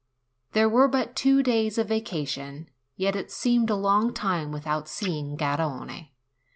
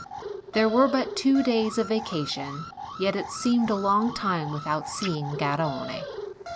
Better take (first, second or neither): first